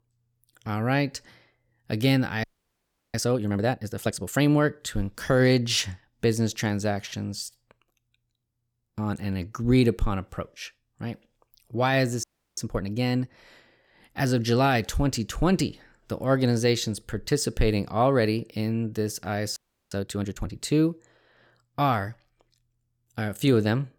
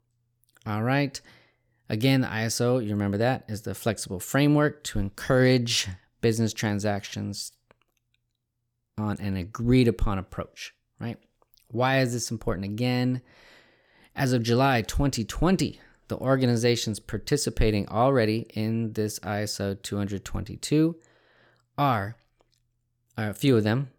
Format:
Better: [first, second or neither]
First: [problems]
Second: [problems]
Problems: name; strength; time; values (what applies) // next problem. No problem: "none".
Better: second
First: audio freezing; at 2.5 s for 0.5 s, at 12 s and at 20 s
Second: none